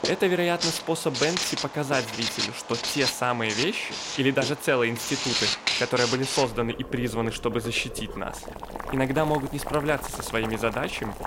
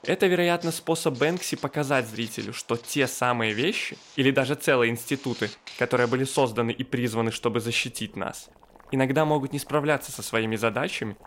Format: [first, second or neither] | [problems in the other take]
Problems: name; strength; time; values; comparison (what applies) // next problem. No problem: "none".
second | household noises; loud; throughout; 3 dB below the speech; faint in the second